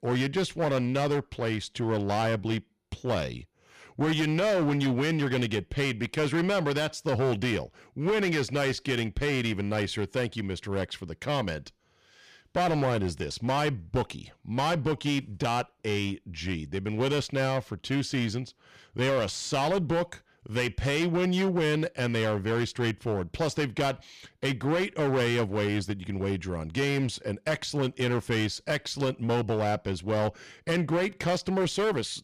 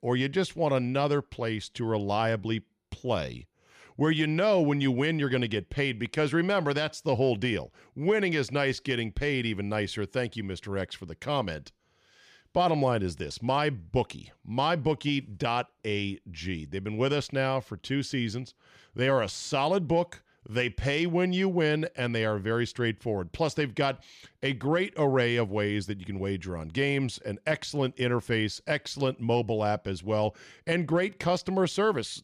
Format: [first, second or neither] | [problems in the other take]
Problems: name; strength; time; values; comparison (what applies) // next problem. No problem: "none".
second | distortion; slight; 13% of the sound clipped